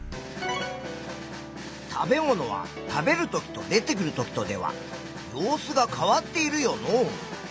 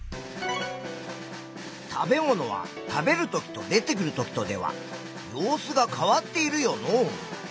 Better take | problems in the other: second | background sound (Bowed string instrument); 18 dB below the speech

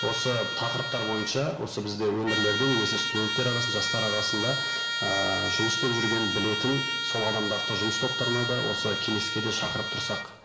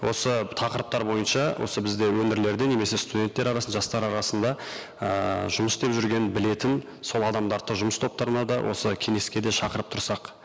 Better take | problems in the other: second | background sound (Trumpet); 1 dB below the speech // room echo; dies away in 0.9 s

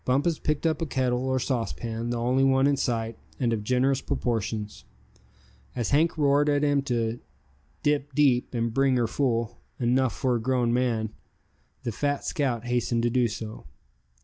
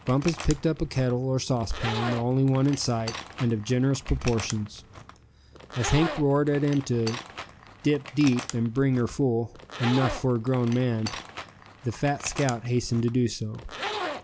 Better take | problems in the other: first | background sound (Zipper (clothing)); 12 dB below the speech

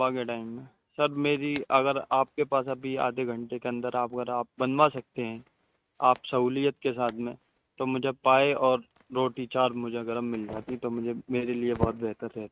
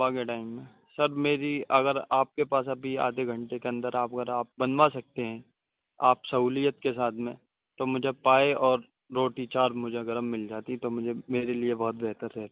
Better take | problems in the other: second | noise reduction (neural mask model RNNoise)

